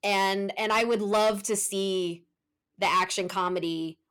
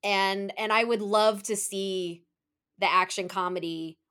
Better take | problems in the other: second | distortion; slight; 10 dB below the speech

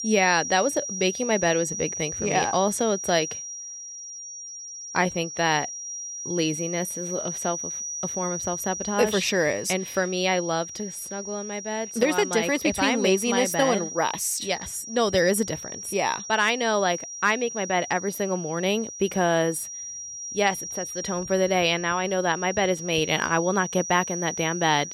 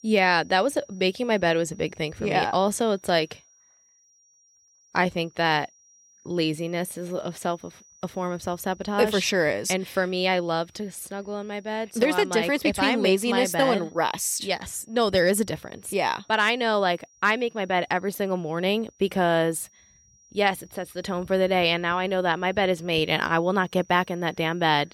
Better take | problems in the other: second | high-pitched whine; loud; throughout; 5.5 kHz, 8 dB below the speech; faint in the second

